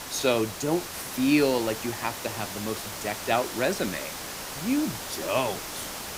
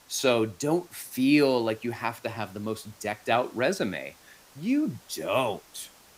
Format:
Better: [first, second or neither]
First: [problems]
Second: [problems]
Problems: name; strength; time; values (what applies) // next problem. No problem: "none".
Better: second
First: hiss; loud; throughout; 6 dB below the speech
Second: hiss; faint; throughout; 25 dB below the speech